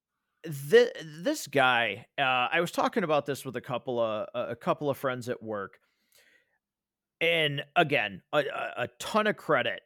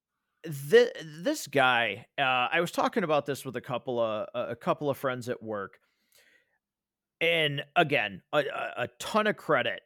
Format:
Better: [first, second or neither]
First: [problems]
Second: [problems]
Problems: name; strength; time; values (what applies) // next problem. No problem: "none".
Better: neither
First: none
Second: none